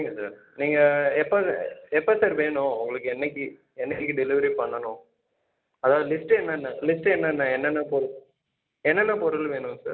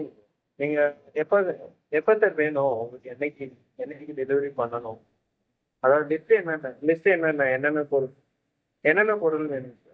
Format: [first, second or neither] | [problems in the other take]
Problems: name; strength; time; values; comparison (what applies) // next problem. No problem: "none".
first | noise reduction (neural mask model DeepFilterNet 3)